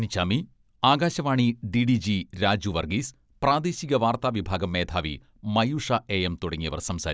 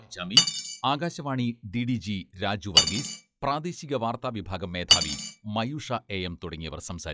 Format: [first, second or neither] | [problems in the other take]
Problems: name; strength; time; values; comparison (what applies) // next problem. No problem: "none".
first | noise reduction (classical method log-MMSE)